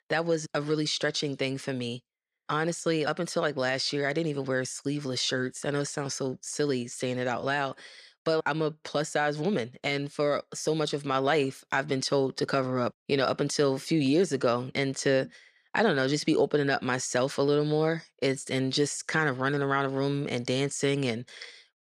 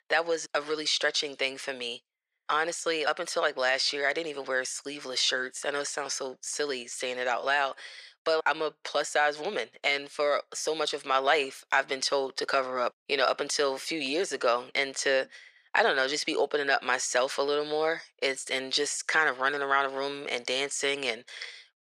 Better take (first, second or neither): first